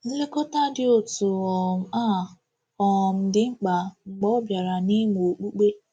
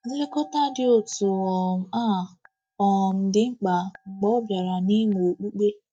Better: first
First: none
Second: noise reduction (neural mask model DeepFilterNet 3)

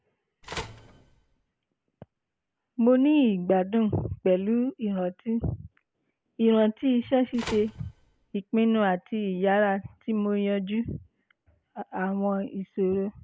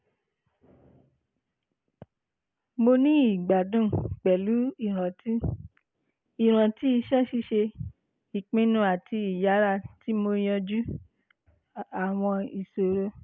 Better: second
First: background sound (Telephone); 15 dB below the speech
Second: none

